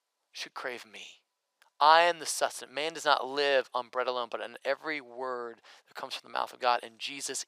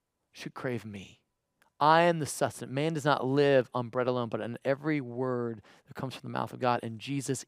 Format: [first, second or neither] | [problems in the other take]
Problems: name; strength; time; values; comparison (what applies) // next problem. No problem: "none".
second | thin; very; fading below 700 Hz